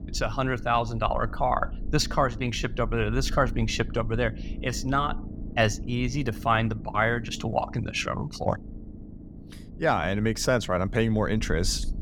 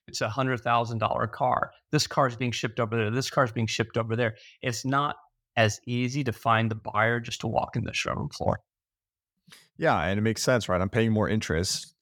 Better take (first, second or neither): second